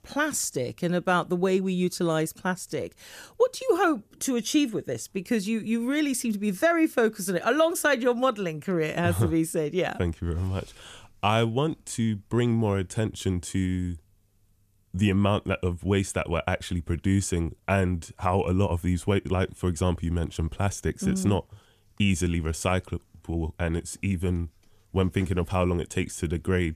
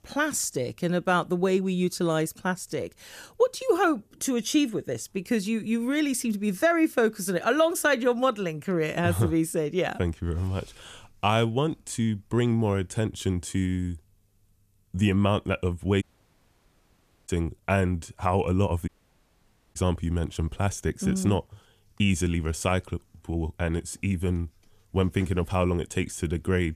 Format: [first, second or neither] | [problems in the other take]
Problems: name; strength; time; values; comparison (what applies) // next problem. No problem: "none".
first | audio cutting out; at 16 s for 1.5 s and at 19 s for 1 s